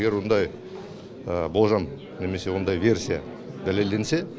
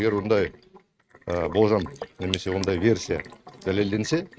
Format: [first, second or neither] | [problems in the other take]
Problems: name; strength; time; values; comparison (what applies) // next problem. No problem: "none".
first | noise reduction (neural mask model RNNoise)